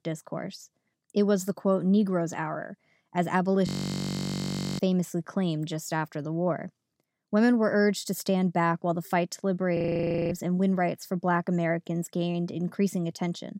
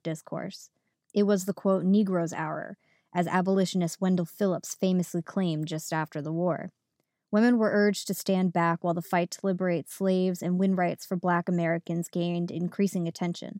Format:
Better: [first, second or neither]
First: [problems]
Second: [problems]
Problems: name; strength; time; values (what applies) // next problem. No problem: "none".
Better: second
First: audio freezing; at 3.5 s for 1 s and at 10 s for 0.5 s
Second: none